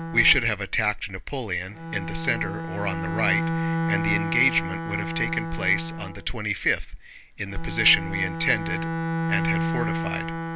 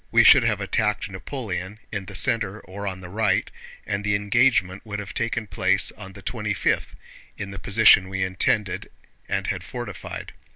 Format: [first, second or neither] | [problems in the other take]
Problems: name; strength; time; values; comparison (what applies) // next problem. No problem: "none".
second | background sound (Bowed string instrument); 2 dB below the speech